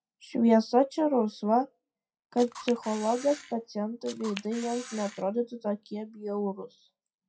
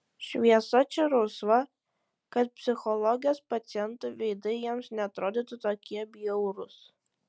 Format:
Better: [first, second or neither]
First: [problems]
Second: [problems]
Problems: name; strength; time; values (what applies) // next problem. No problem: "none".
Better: second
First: noise reduction (classical method WPE with log-MMSE)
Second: none